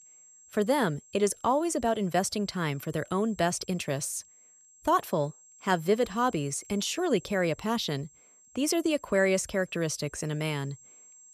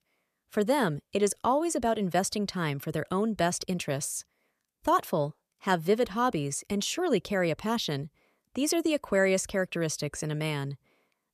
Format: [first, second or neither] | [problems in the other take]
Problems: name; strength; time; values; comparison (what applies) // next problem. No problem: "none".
second | high-pitched whine; faint; throughout; 7.5 kHz, 25 dB below the speech